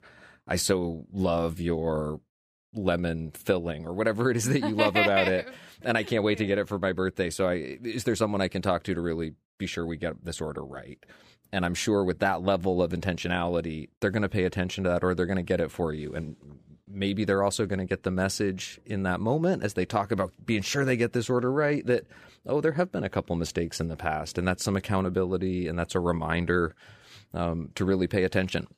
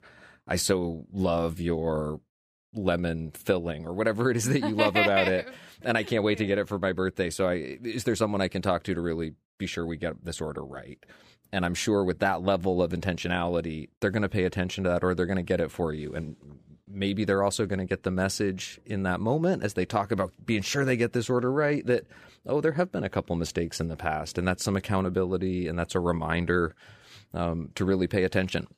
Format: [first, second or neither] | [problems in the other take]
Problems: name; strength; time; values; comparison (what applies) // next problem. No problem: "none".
neither | none